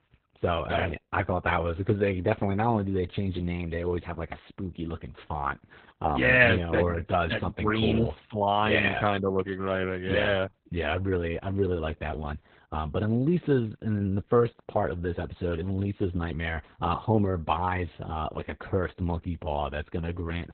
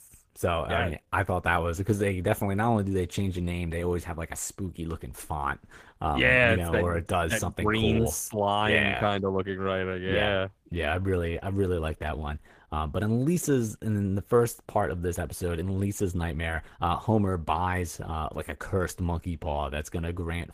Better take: second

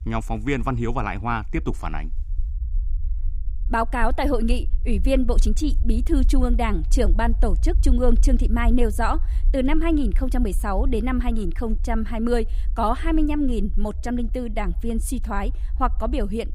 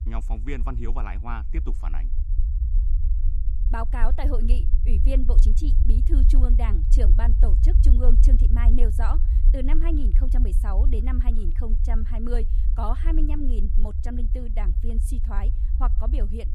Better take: first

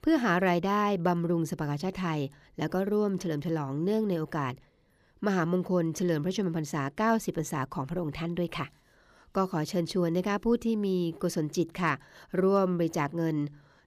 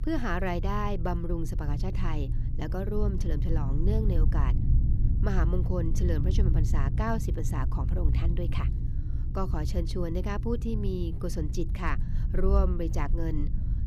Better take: first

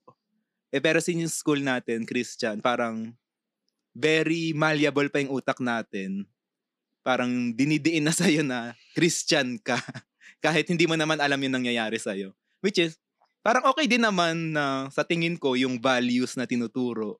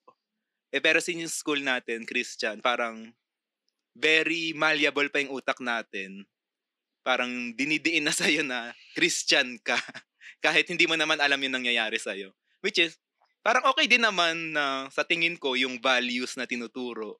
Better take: first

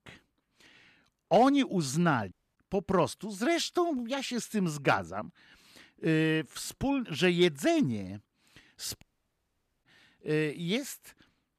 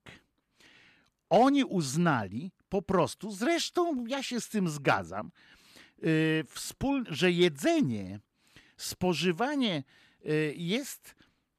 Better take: second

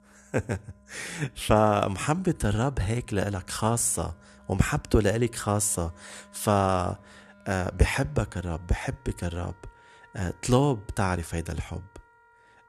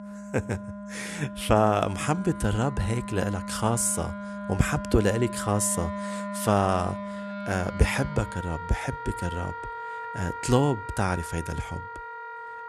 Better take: first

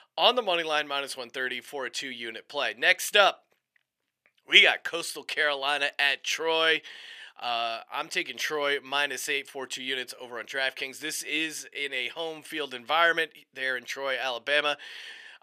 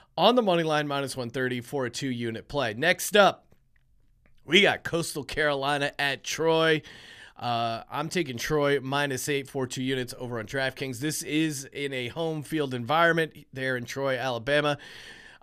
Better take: second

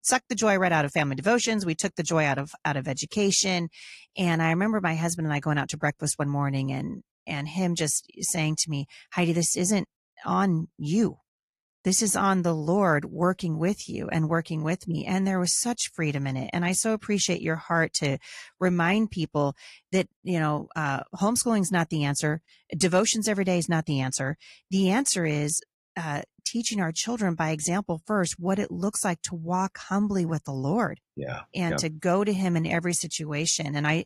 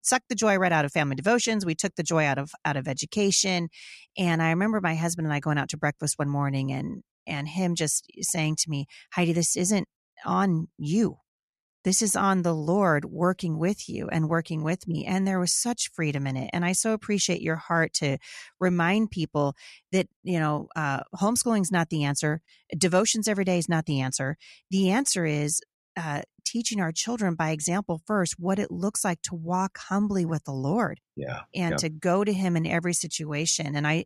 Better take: second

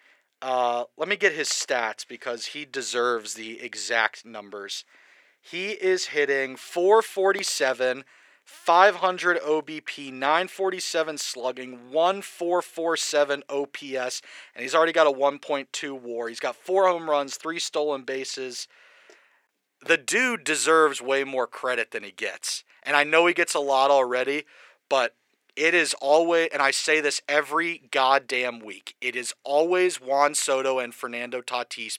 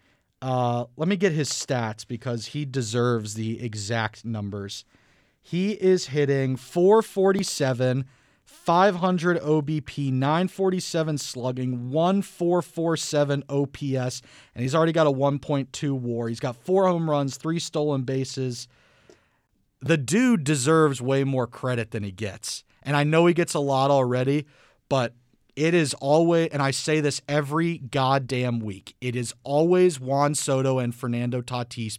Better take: second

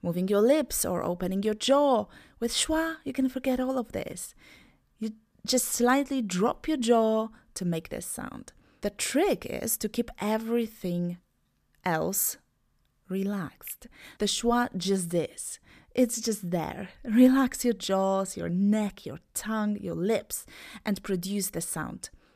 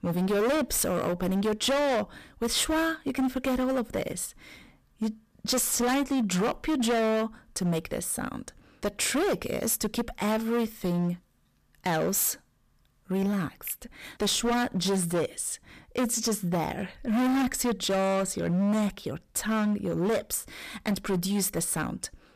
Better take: first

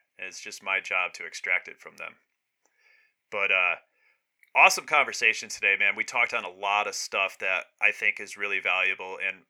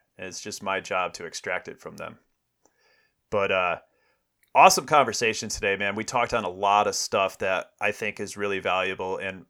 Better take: second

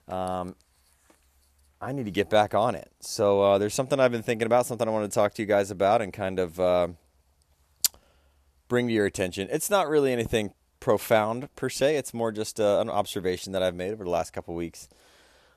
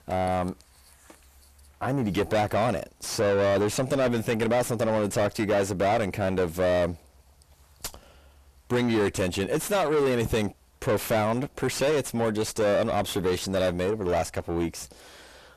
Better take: first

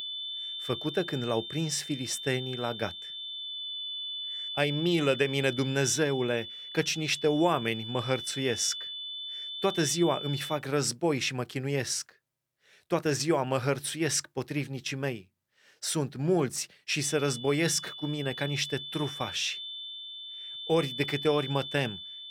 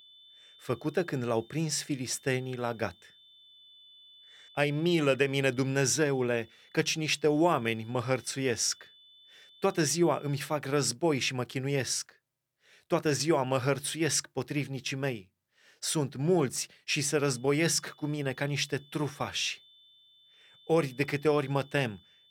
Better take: second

